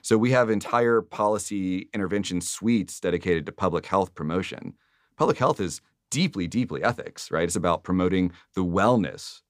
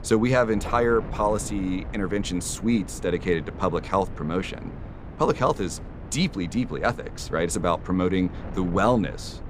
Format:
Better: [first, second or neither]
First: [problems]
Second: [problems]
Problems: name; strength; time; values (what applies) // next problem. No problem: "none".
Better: first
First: none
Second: wind noise on the microphone; occasional gusts; 20 dB below the speech